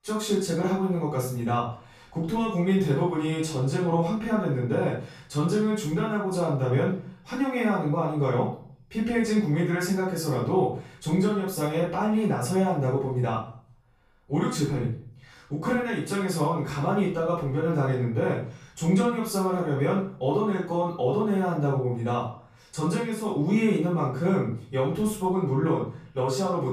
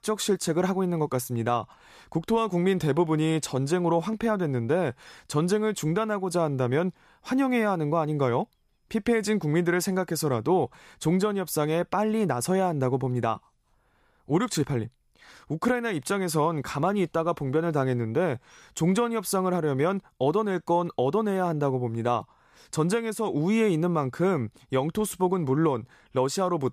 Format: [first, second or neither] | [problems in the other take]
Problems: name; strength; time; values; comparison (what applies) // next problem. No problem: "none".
second | off-mic speech; far // room echo; noticeable; dies away in 0.4 s